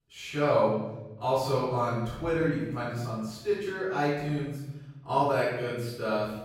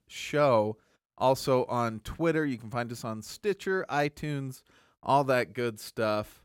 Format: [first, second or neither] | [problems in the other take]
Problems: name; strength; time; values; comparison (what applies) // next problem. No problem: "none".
second | room echo; strong; dies away in 1 s // off-mic speech; far